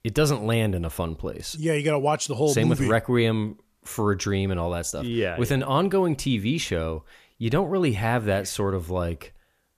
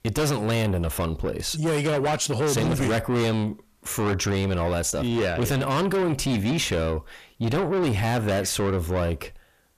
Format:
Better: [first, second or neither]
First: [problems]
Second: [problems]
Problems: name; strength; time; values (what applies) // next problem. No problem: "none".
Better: first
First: none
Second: distortion; heavy; 6 dB below the speech